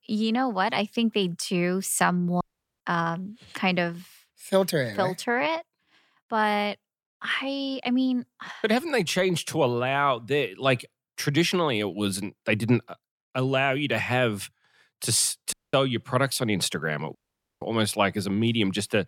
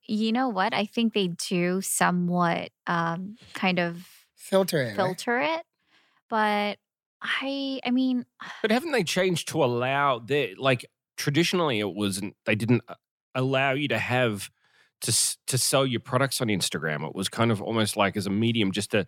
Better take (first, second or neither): second